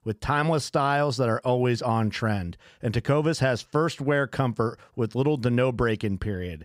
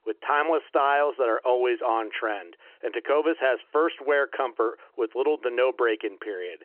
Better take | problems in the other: first | phone-call audio

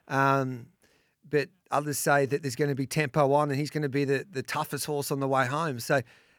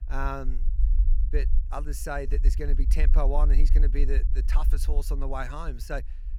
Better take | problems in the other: first | low rumble; noticeable; throughout; 15 dB below the speech

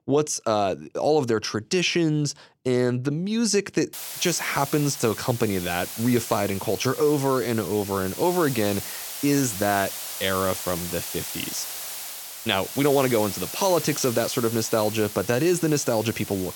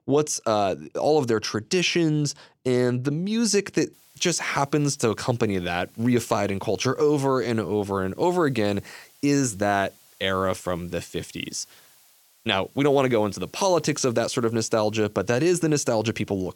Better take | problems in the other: second | hiss; loud; from 4 s on; 8 dB below the speech; faint in the second

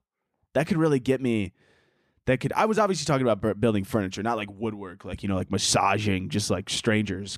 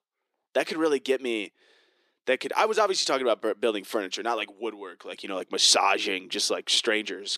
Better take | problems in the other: first | thin; somewhat; fading below 350 Hz

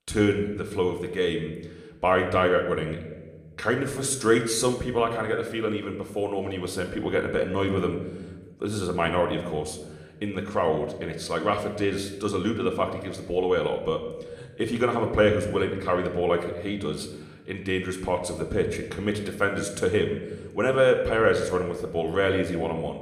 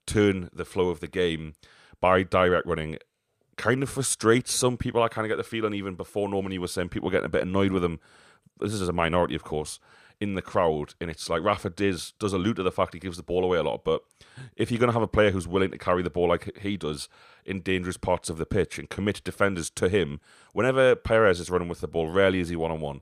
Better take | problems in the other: second | room echo; slight; dies away in 0.9 s

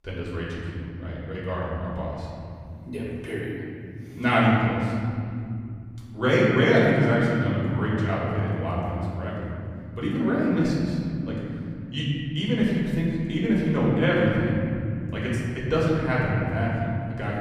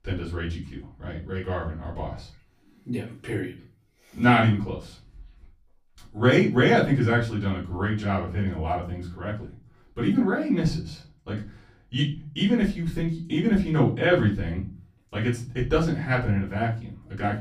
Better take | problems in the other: second | room echo; strong; dies away in 3 s; slight in the second // off-mic speech; far; far in the second

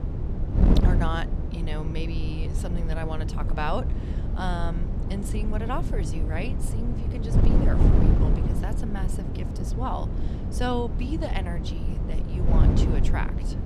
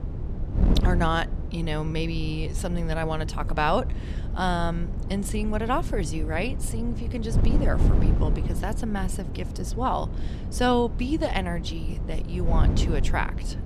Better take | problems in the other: second | wind noise on the microphone; heavy; 3 dB below the speech; occasional gusts in the second

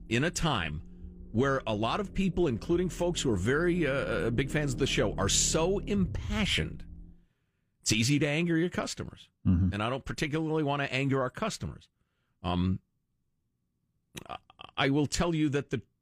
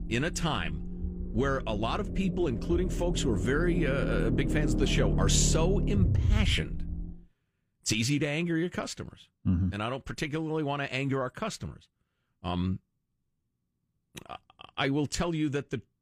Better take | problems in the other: first | low rumble; loud; until 7 s; 8 dB below the speech; faint in the first

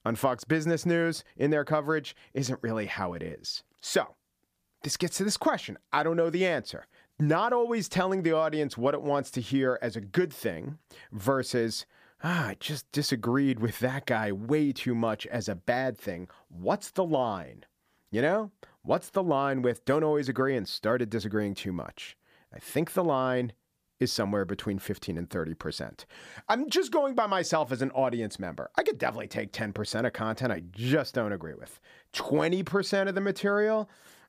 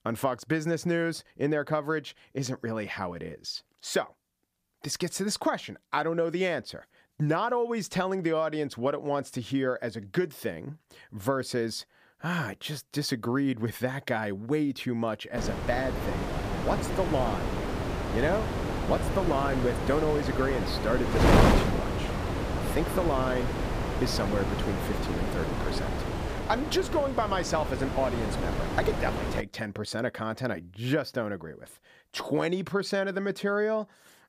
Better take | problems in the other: first | wind noise on the microphone; heavy; from 15 to 29 s; 1 dB below the speech

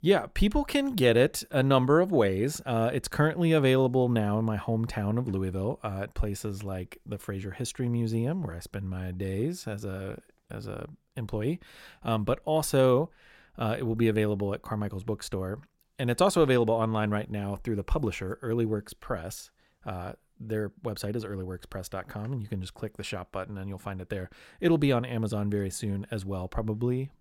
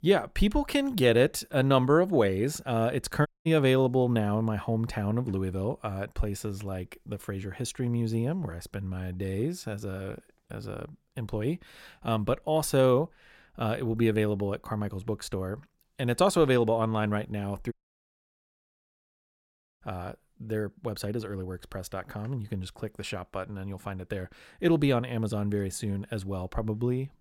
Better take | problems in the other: first | audio cutting out; at 3.5 s and at 18 s for 2 s

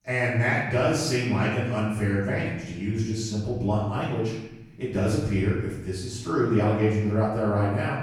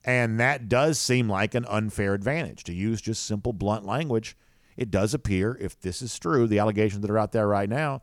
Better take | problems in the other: second | off-mic speech; far // room echo; noticeable; dies away in 0.9 s

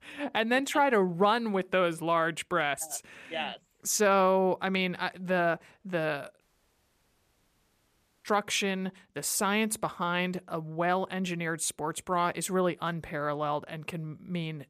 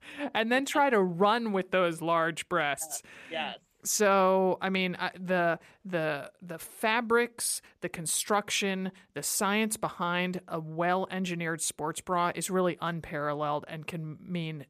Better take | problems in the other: second | audio cutting out; at 6.5 s for 2 s

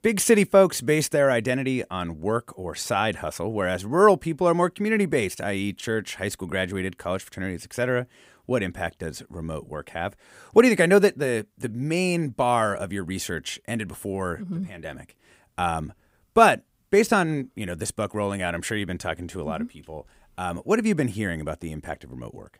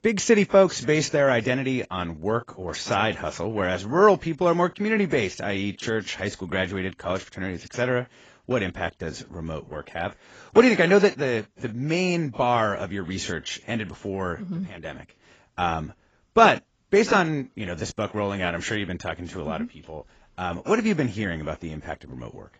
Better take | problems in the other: first | garbled, watery; badly; nothing above 7.5 kHz

